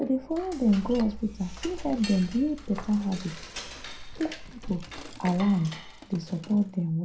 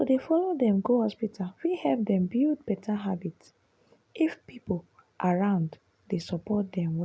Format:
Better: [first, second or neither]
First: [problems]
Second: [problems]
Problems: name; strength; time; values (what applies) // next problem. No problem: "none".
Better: second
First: background sound (Cutlery, silverware / Dishes, pots, and pans); 12 dB below the speech // room echo; dies away in 0.2 s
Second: none